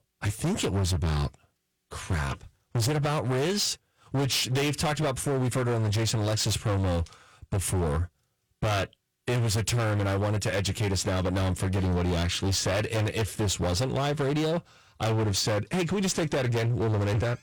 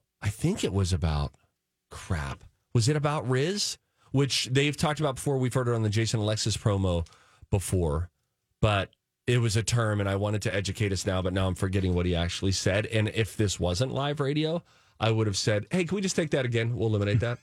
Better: second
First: distortion; heavy; 25% of the sound clipped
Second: none

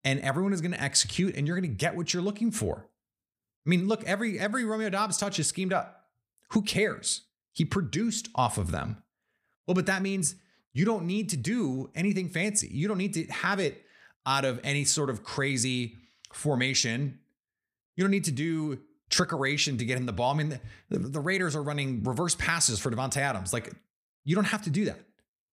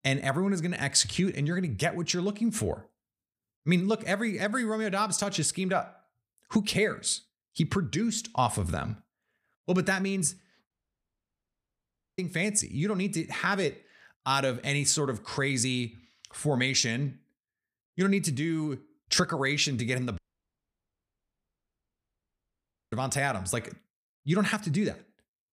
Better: first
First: none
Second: audio cutting out; at 11 s for 1.5 s and at 20 s for 2.5 s

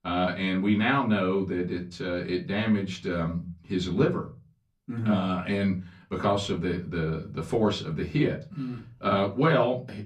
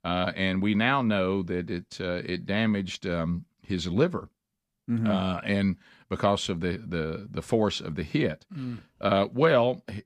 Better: second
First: off-mic speech; far // room echo; very slight; dies away in 0.3 s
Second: none

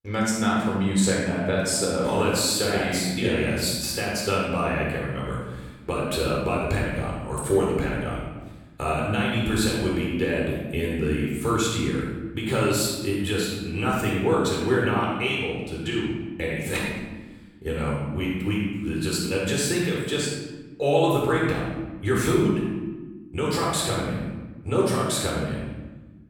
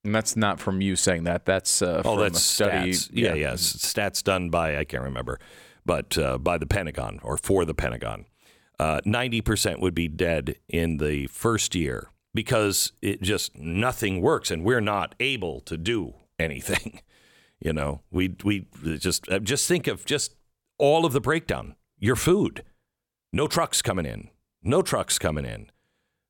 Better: second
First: off-mic speech; far // room echo; strong; dies away in 1.2 s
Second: none

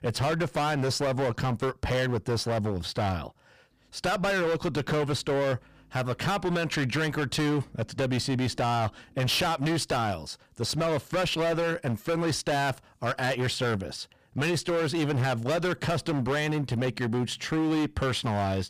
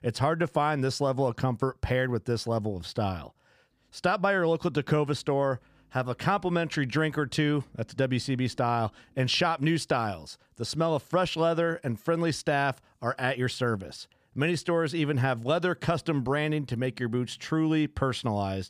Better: second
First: distortion; heavy; 23% of the sound clipped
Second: none

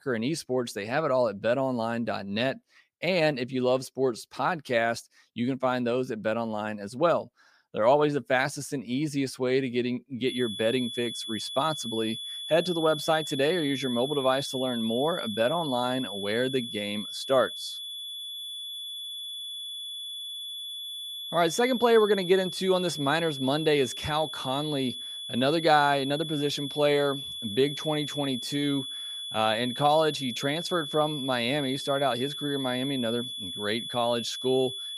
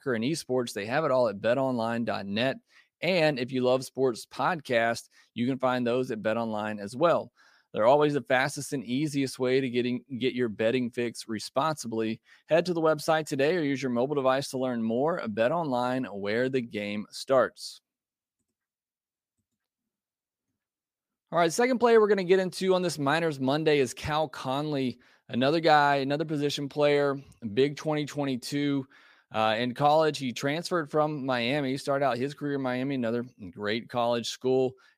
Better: second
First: high-pitched whine; loud; from 10 s on; 3.5 kHz, 7 dB below the speech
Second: none

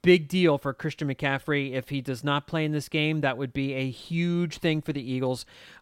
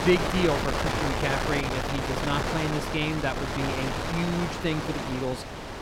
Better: first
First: none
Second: wind noise on the microphone; heavy; 2 dB above the speech

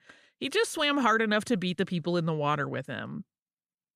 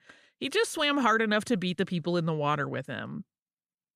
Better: neither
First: none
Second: none

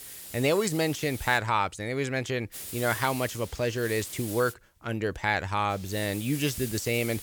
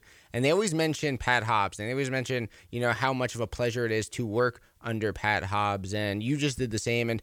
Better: second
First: hiss; noticeable; until 1.5 s, from 2.5 to 4.5 s and from 5.5 s on; 10 dB below the speech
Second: none

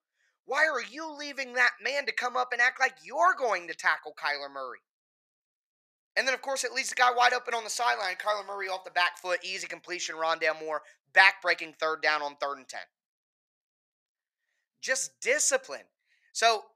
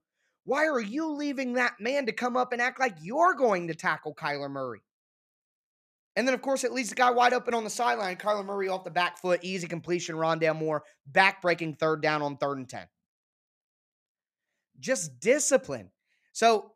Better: second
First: thin; very; fading below 700 Hz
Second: none

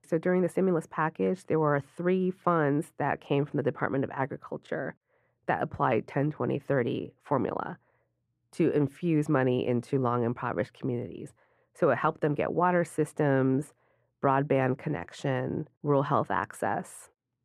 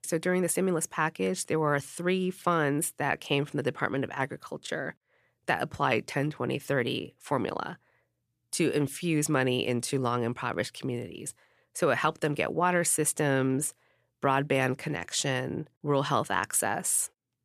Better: second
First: muffled; very; fading above 2.5 kHz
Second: none

